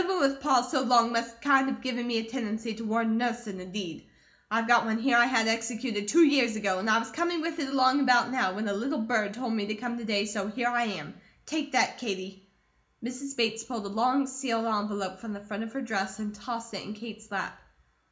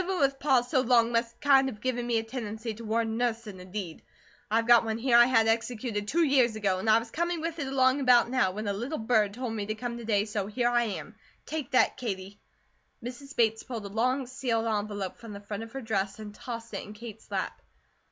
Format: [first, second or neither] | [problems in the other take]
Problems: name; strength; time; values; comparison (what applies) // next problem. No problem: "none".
second | room echo; dies away in 0.4 s